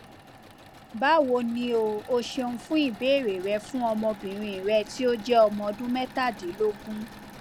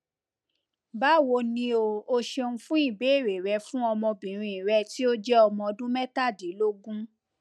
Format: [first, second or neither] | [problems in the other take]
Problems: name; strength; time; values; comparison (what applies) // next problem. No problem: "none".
second | background sound (Engine / Mechanisms); 18 dB below the speech